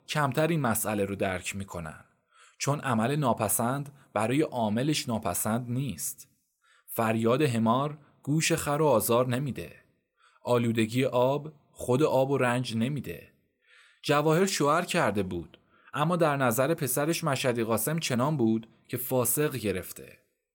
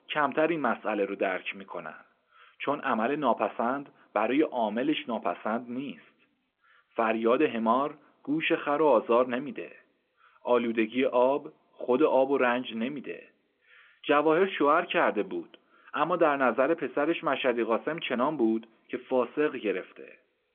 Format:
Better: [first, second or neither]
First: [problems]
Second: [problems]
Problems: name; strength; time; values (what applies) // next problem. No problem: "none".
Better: first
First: none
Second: phone-call audio; nothing above 3.5 kHz